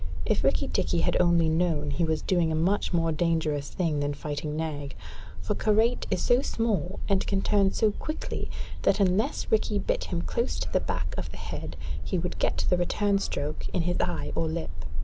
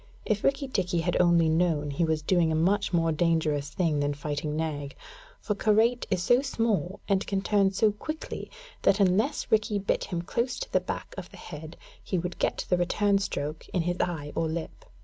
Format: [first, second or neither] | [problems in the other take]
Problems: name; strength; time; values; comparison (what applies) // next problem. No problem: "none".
second | background sound (Bark); 3 dB above the speech